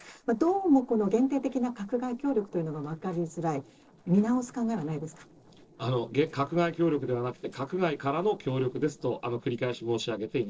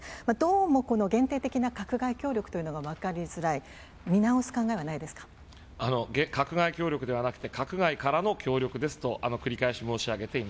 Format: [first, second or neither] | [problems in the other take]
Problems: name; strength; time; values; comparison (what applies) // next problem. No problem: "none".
second | noise reduction (neural separator model SepFormer DNS4)